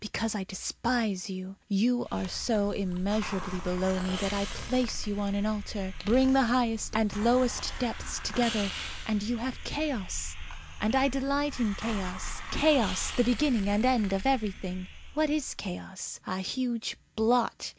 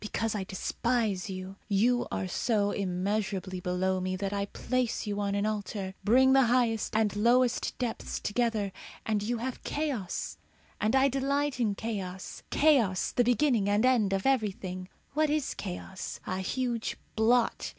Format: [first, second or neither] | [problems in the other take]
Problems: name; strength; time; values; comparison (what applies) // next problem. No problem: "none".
second | background sound (Hiss); 10 dB below the speech